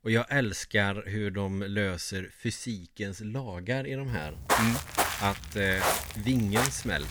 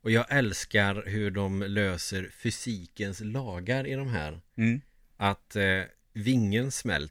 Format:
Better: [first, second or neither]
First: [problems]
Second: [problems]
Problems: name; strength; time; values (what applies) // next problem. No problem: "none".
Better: second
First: footsteps; loud; from 4 s on; peak 4 dB above the speech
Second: none